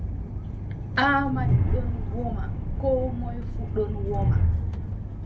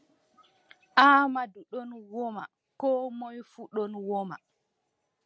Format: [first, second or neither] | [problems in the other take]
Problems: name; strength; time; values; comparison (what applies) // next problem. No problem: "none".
second | background sound (Train); 4 dB above the speech // room echo; dies away in 0.3 s